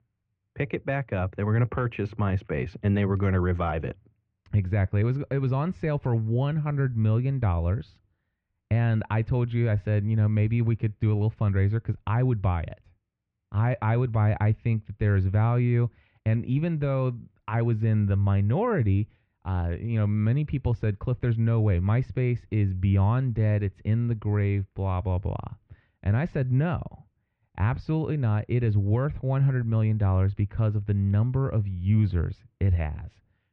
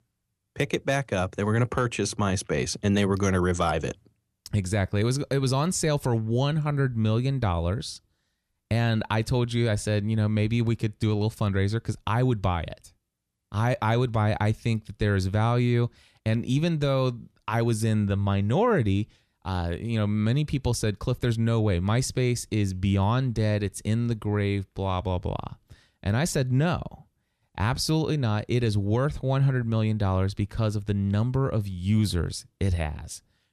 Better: second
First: muffled; very; fading above 2.5 kHz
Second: none

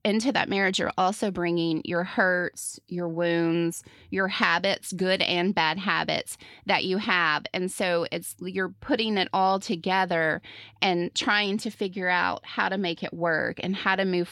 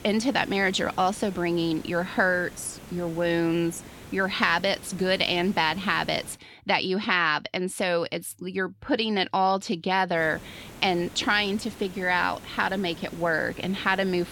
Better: first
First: none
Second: hiss; noticeable; until 6.5 s and from 10 s on; 20 dB below the speech

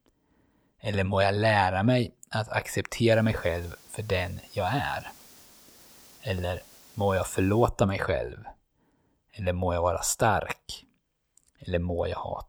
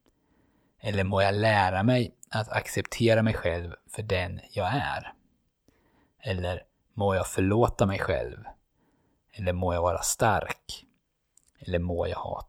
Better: second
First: hiss; faint; from 3 to 7.5 s; 25 dB below the speech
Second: none

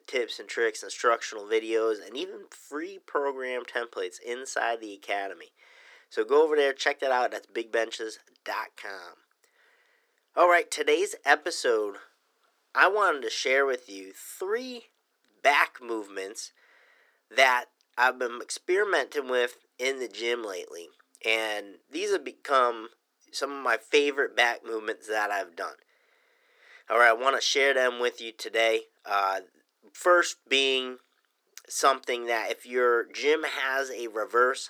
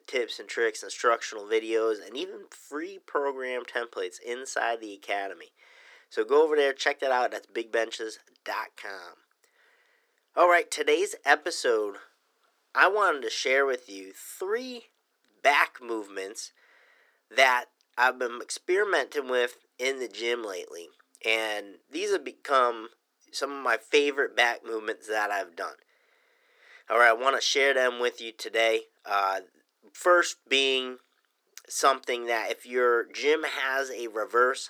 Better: neither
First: thin; somewhat; fading below 350 Hz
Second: thin; somewhat; fading below 350 Hz

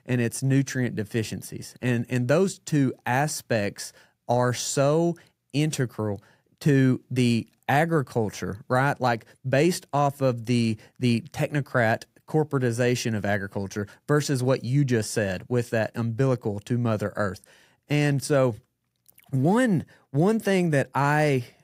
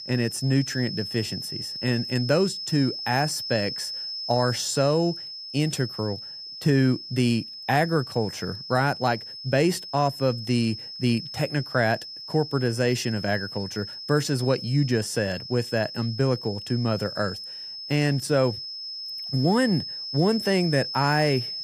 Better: first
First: none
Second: high-pitched whine; loud; throughout; 5 kHz, 8 dB below the speech

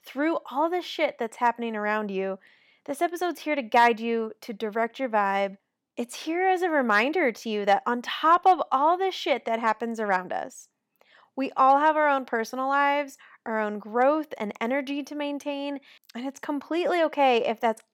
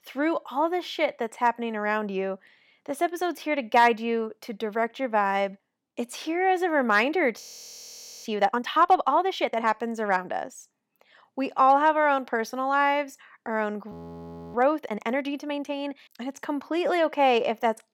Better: first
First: none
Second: audio freezing; at 7.5 s for 1 s and at 14 s for 0.5 s

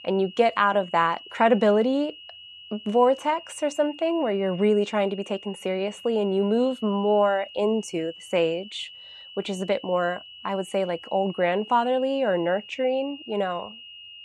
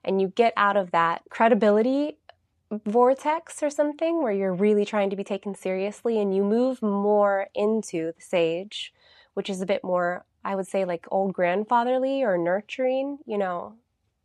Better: second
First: high-pitched whine; noticeable; throughout; 3 kHz, 15 dB below the speech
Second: none

